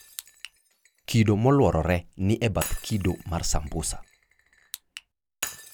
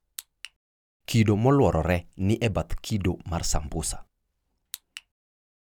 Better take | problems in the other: second | background sound (Shatter); 17 dB below the speech

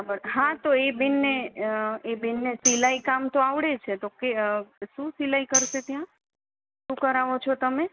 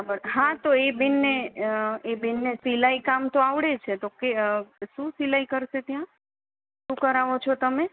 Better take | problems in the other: second | background sound (Tambourine); 5 dB below the speech

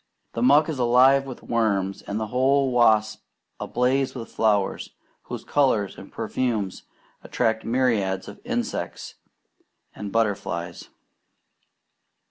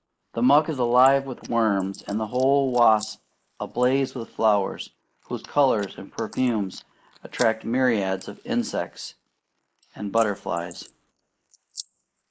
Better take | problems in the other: first | noise reduction (neural mask model Resemble Enhance denoiser)

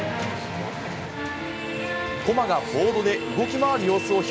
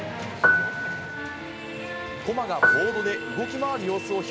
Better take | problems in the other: first | background sound (Piano); 4 dB above the speech

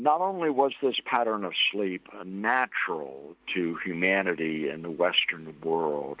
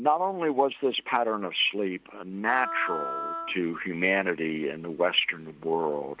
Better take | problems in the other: first | background sound (Wind instrument, woodwind instrument); 8 dB below the speech

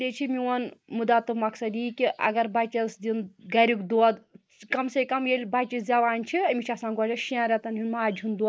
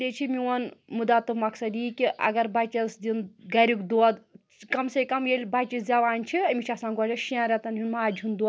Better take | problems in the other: second | noise reduction (neural mask model Resemble Enhance denoiser)

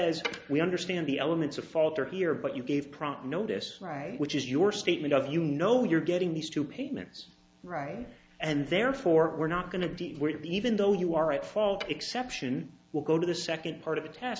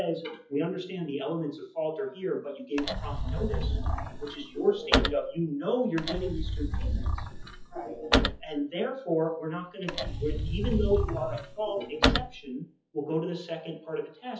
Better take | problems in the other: first | noise reduction (classical method WPE with log-MMSE)

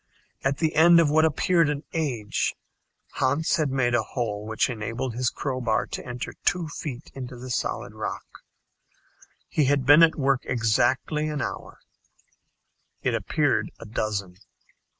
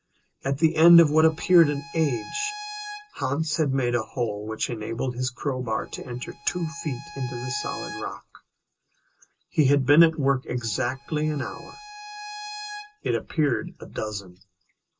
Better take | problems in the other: first | background sound (Bowed string instrument); 15 dB below the speech // room echo; dies away in 0.2 s

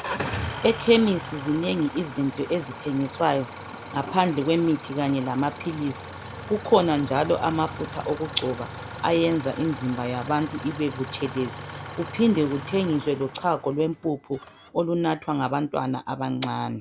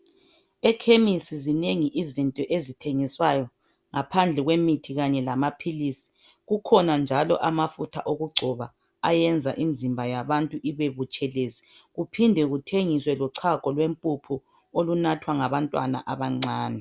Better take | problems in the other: second | background sound (Idling / Engine starting); 12 dB below the speech

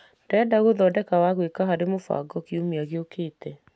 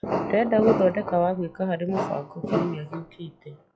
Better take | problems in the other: first | noise reduction (classical method log-MMSE)

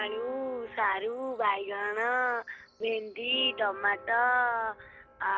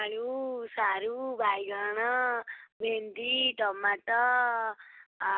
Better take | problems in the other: second | background sound (Church bell); 19 dB below the speech

